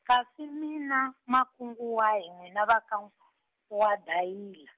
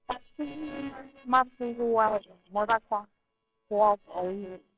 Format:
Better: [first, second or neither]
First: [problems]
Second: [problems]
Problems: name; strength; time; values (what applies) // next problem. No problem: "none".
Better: first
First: none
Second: noise reduction (neural separator model SepFormer WHAMR!)